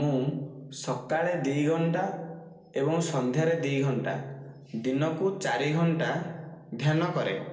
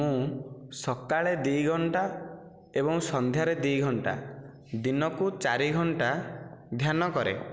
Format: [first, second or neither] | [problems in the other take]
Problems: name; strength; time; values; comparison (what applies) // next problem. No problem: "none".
second | room echo; dies away in 0.4 s